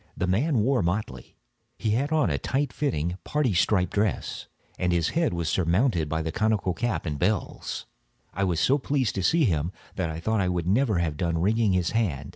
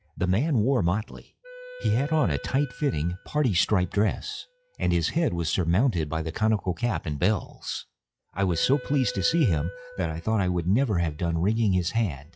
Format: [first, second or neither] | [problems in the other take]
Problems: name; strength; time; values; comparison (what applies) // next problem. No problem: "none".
first | noise reduction (classical method log-MMSE)